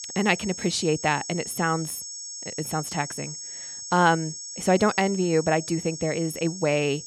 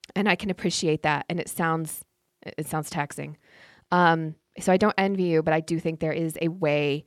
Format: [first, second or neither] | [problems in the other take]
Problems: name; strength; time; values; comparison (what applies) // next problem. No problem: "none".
second | high-pitched whine; loud; throughout; 6.5 kHz, 9 dB below the speech